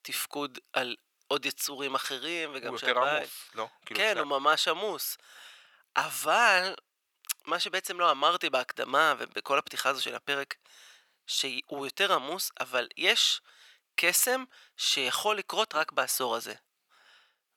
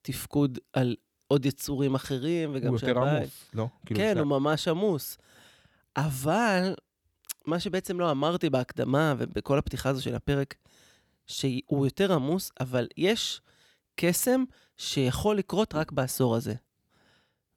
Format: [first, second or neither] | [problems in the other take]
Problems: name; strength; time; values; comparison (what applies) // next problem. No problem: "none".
second | thin; very; fading below 750 Hz